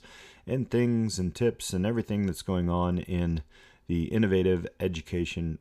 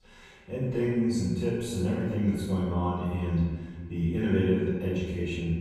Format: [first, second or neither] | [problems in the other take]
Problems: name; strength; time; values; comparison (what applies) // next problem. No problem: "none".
first | room echo; strong; dies away in 1.4 s // off-mic speech; far